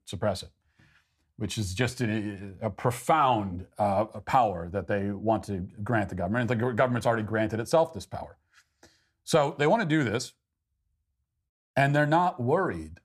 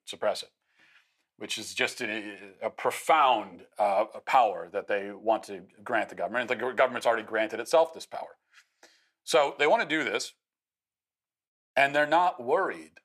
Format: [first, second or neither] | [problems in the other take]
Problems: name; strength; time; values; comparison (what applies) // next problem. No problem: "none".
first | thin; very; fading below 500 Hz